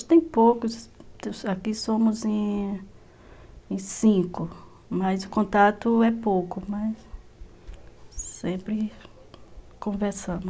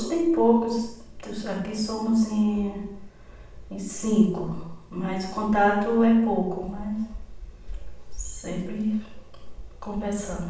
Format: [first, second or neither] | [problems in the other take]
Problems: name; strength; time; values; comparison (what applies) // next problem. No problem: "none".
first | room echo; dies away in 0.7 s